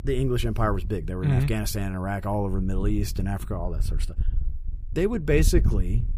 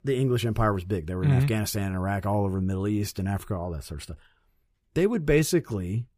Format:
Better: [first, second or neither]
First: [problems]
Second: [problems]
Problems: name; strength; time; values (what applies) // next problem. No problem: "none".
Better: second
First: wind noise on the microphone; occasional gusts; 15 dB below the speech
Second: none